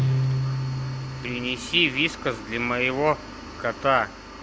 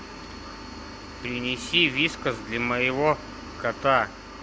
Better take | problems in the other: second | background sound (Guitar); 4 dB below the speech

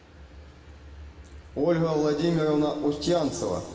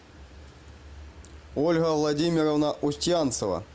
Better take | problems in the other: second | room echo; dies away in 2 s

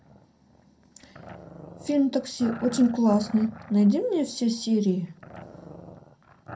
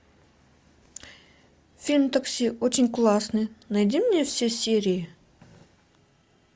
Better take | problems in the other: second | background sound (Growling); 19 dB below the speech // room echo; dies away in 0.2 s

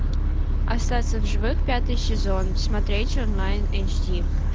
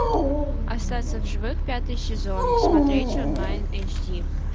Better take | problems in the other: first | background sound (Dog); 2 dB below the speech

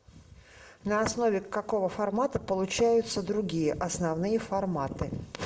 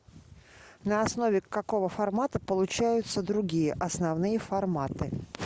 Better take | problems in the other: second | room echo; dies away in 1.2 s

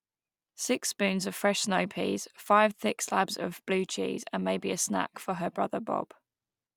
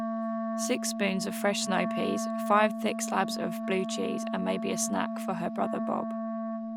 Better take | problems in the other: first | background sound (Wind instrument, woodwind instrument); 2 dB below the speech

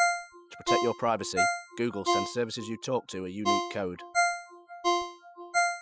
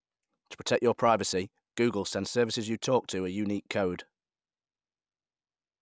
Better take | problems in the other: second | noise reduction (classical method Wiener filter)

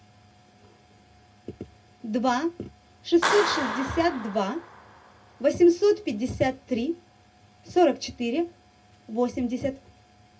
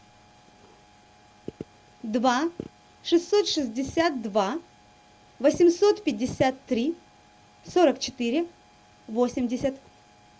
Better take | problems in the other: second | background sound (Clapping); 10 dB below the speech // room echo; dies away in 0.2 s

